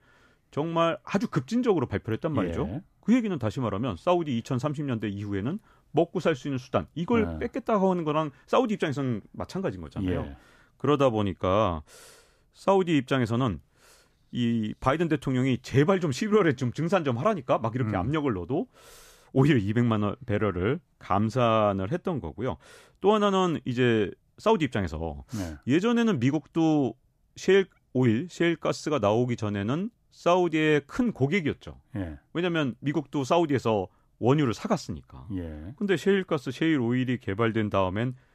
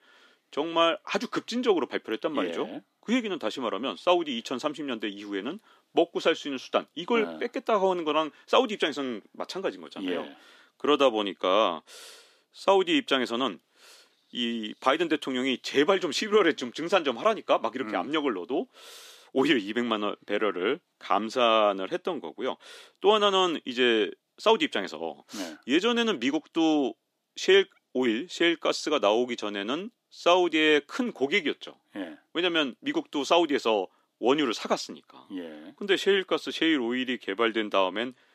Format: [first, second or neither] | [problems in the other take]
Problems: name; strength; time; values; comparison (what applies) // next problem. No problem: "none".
first | thin; very slightly; fading below 250 Hz